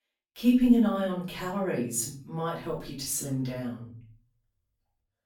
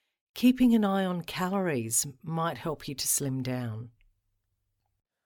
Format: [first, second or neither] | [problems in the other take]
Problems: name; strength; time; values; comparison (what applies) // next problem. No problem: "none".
second | room echo; slight; dies away in 0.4 s // off-mic speech; far